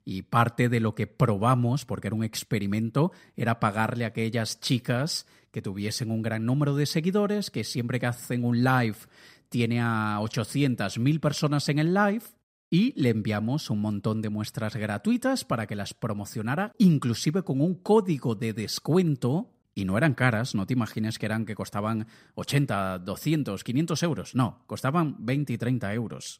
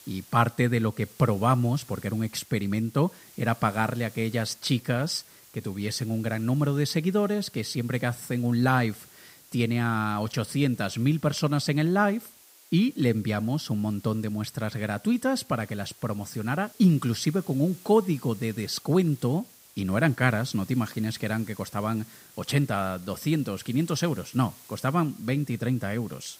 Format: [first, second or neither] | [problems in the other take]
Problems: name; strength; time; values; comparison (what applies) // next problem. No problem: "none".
first | hiss; faint; throughout; 20 dB below the speech